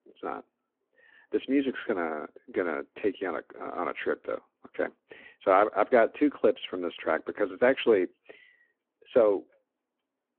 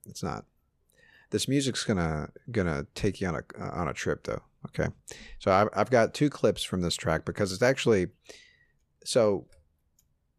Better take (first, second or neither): second